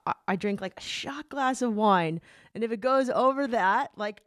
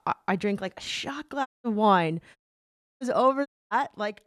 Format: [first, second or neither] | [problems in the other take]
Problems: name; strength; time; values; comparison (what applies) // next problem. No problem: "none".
first | audio cutting out; at 1.5 s, at 2.5 s for 0.5 s and at 3.5 s